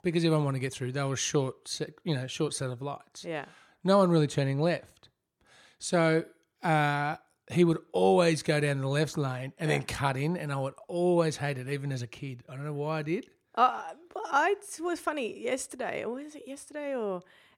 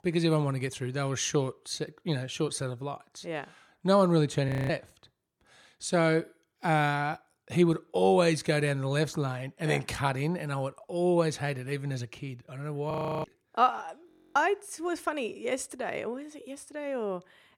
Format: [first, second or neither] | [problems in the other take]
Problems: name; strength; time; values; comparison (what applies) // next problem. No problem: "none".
first | audio freezing; at 4.5 s, at 13 s and at 14 s